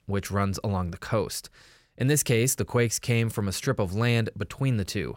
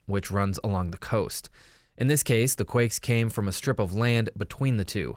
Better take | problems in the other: first | garbled, watery; slightly; nothing above 16 kHz

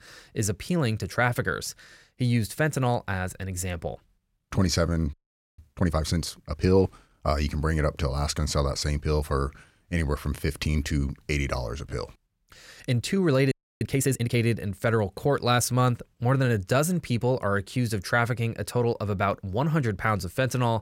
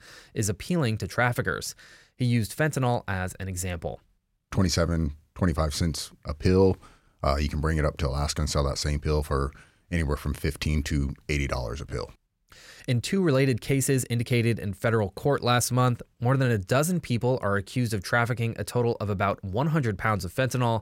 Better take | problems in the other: second | audio freezing; at 5 s and at 14 s

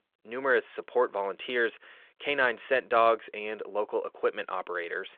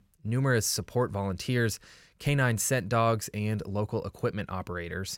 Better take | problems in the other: second | phone-call audio; nothing above 3.5 kHz

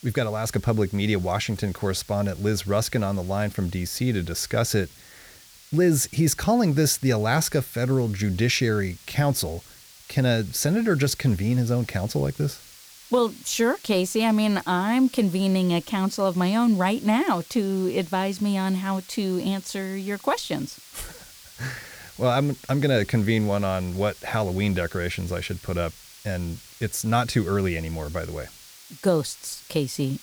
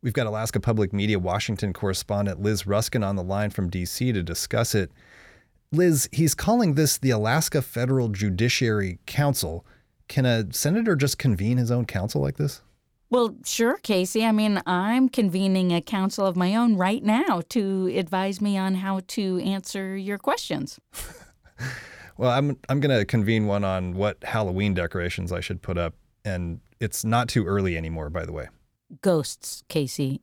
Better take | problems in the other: second | hiss; faint; throughout; 20 dB below the speech

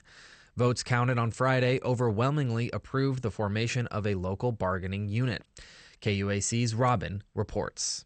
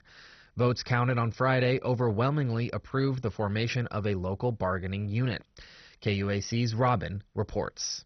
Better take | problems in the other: first | garbled, watery; badly; nothing above 6 kHz; slightly in the first

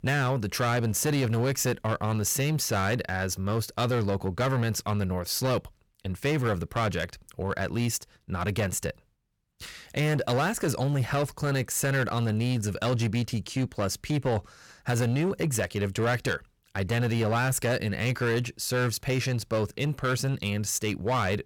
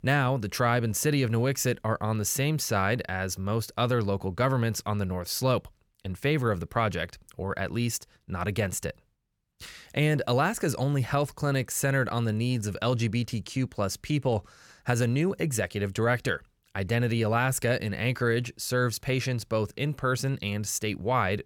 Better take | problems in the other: second | distortion; slight; 11% of the sound clipped

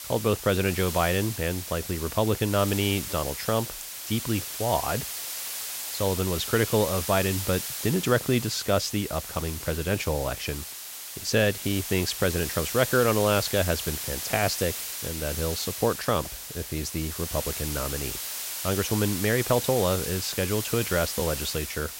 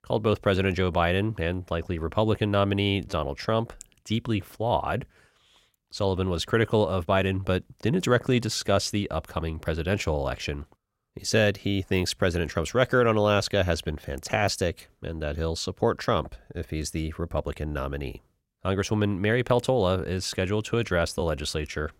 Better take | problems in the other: second | hiss; loud; throughout; 5 dB below the speech

